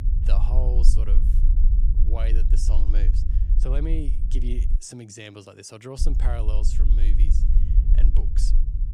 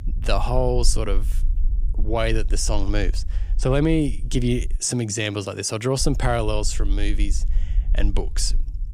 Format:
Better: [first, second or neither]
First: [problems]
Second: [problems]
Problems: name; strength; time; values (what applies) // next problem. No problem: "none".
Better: second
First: low rumble; loud; until 5 s and from 6 s on; 5 dB below the speech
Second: low rumble; faint; until 5 s and from 6 s on; 25 dB below the speech